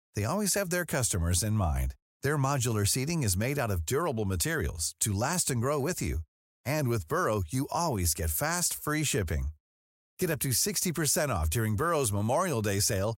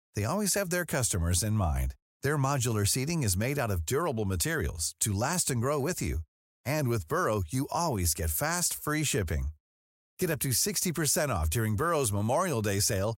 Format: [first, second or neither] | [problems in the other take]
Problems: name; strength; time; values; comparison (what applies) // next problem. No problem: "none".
neither | none